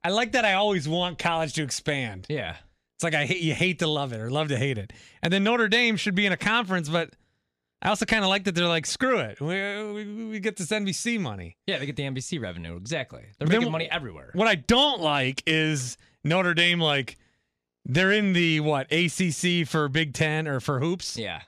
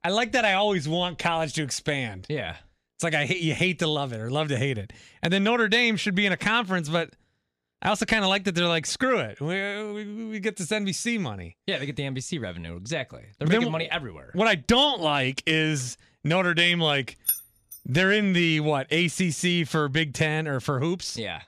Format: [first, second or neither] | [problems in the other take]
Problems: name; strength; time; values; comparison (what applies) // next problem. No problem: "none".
first | jangling keys; noticeable; at 17 s; peak 2 dB below the speech